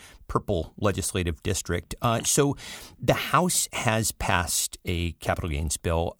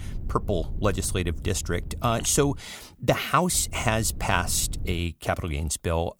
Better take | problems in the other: first | low rumble; faint; until 2.5 s and from 3.5 to 5 s; 25 dB below the speech

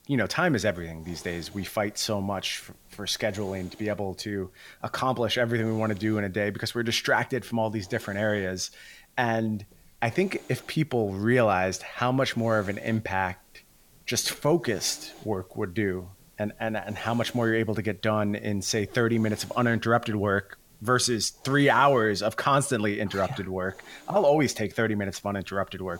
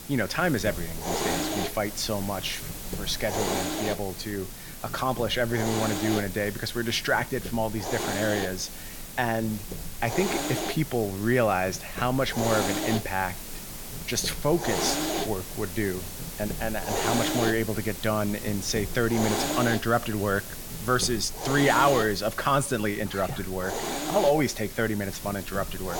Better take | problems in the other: first | hiss; loud; throughout; 5 dB below the speech; faint in the first

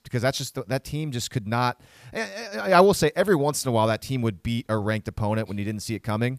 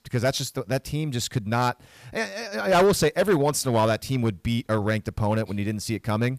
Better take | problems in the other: first | distortion; slight; 4% of the sound clipped

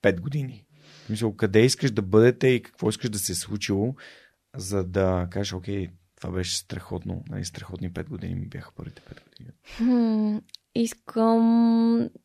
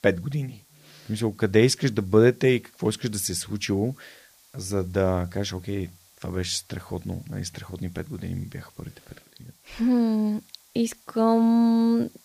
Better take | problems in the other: first | hiss; faint; throughout; 30 dB below the speech

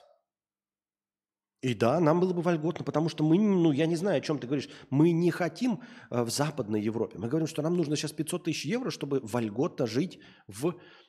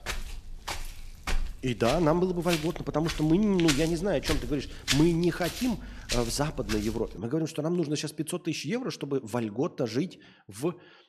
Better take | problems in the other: first | footsteps; noticeable; until 7 s; peak 1 dB below the speech

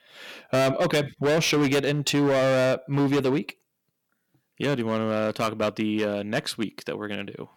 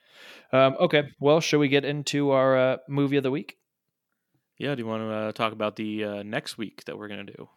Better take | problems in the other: second | distortion; heavy; 14% of the sound clipped

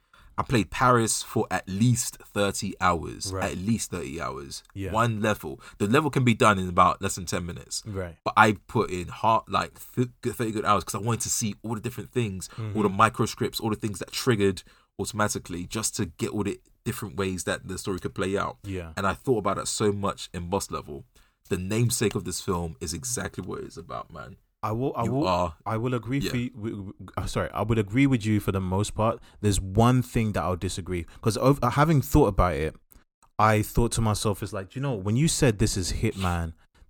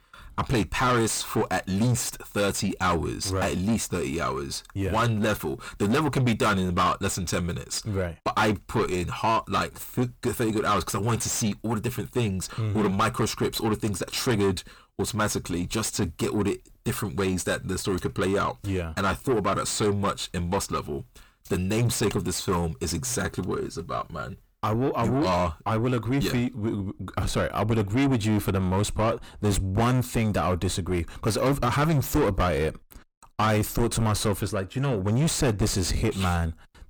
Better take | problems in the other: first | distortion; heavy; 6 dB below the speech

